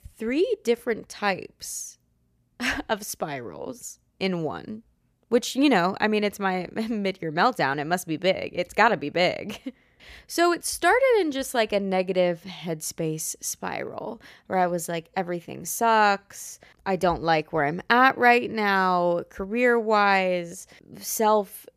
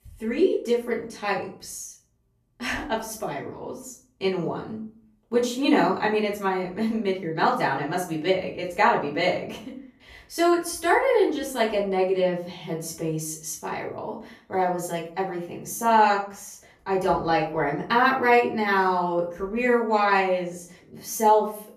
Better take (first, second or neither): first